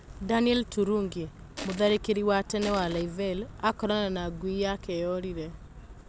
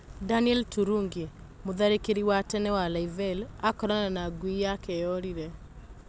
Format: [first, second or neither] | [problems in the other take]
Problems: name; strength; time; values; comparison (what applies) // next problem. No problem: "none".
second | background sound (Crushing); 11 dB below the speech